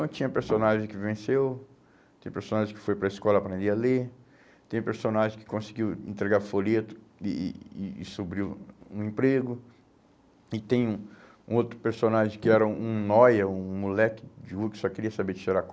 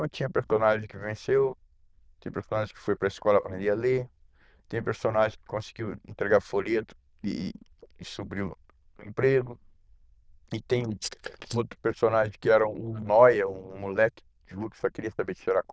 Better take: first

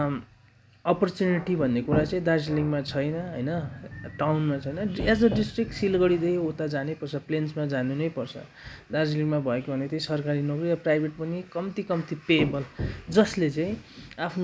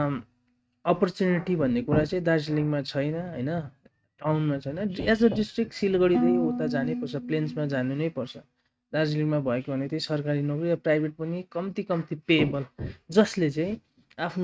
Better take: first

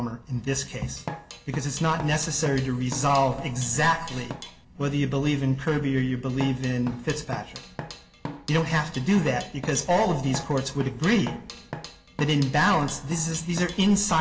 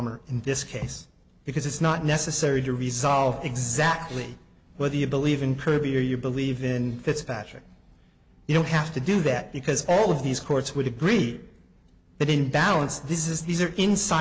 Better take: second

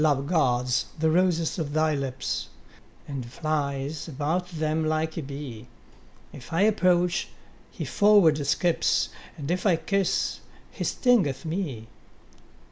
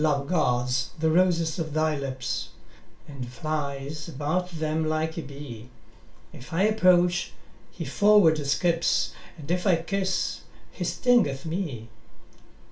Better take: first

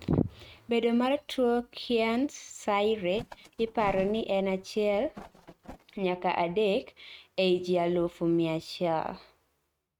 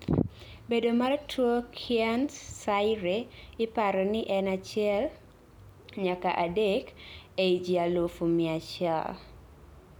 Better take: second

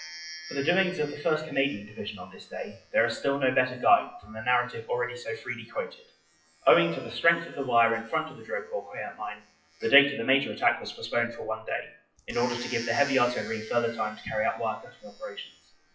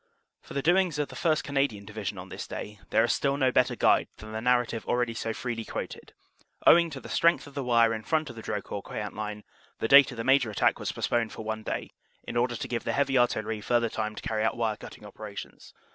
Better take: second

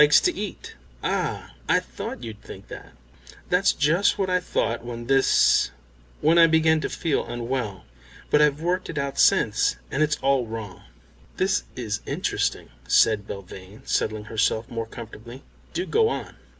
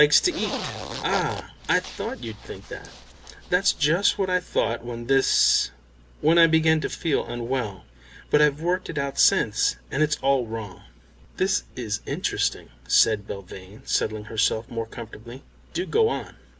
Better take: first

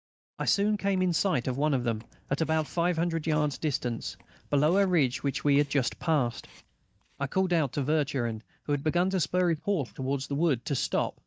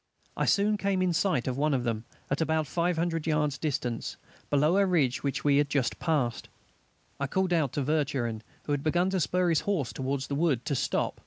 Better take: second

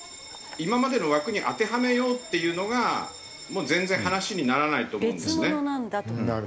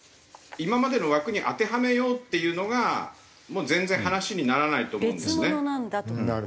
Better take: second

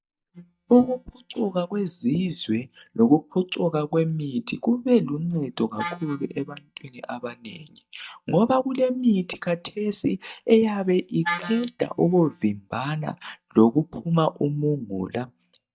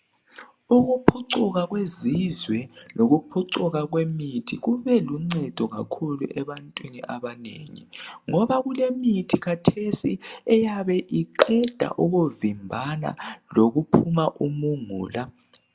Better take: second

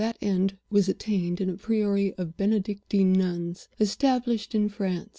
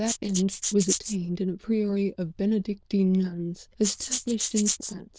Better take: first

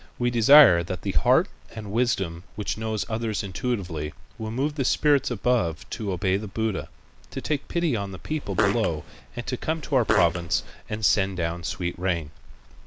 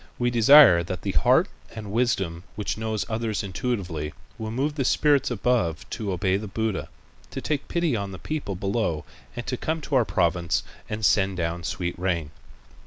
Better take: second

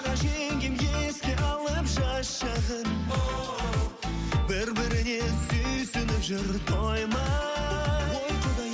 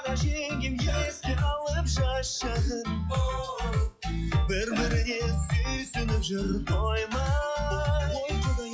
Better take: first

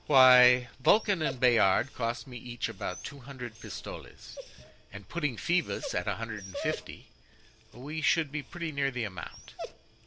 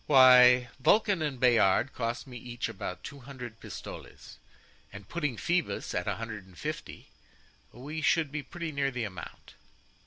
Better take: second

